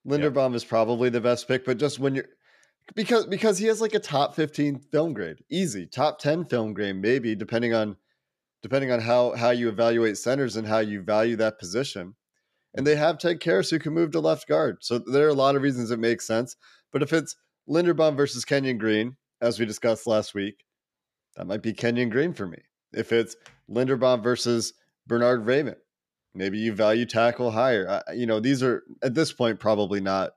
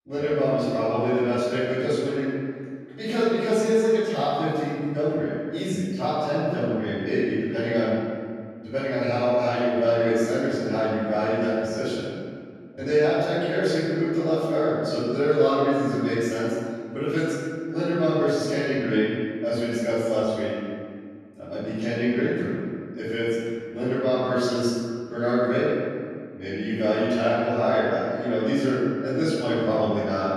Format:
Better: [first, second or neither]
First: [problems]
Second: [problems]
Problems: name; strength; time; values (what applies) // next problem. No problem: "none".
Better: first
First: none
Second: off-mic speech; far // room echo; strong; dies away in 2 s